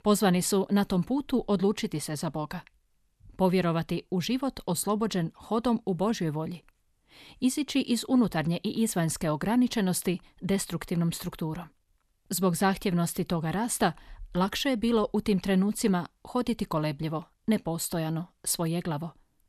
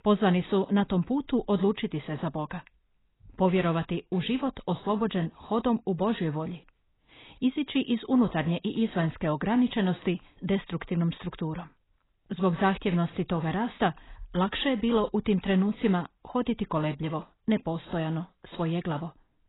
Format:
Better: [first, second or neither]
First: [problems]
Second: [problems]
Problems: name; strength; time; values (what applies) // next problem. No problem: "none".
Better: first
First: none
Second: garbled, watery; badly; nothing above 4 kHz